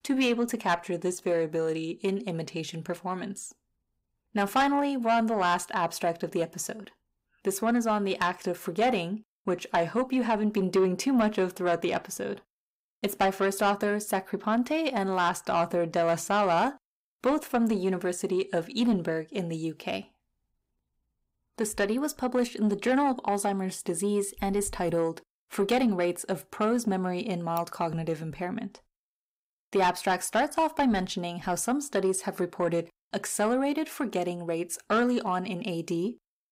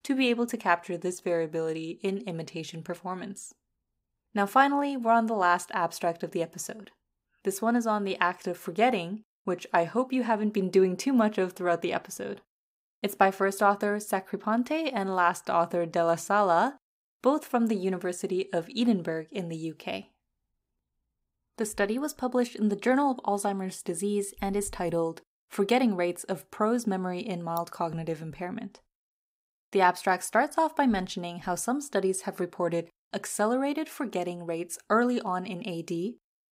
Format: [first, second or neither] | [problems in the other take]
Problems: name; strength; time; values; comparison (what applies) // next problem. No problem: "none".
second | distortion; slight; 10 dB below the speech